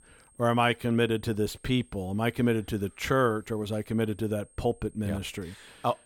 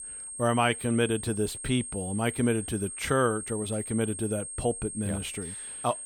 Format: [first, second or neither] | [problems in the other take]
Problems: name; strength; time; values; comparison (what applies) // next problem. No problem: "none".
first | high-pitched whine; loud; throughout; 8.5 kHz, 7 dB below the speech; faint in the first